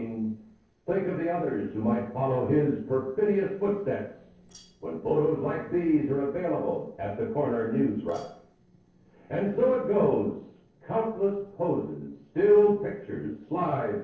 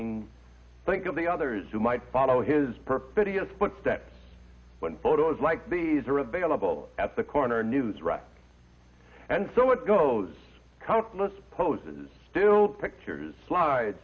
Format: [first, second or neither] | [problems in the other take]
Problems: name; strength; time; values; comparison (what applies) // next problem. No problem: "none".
second | noise reduction (neural separator model SepFormer DNS4)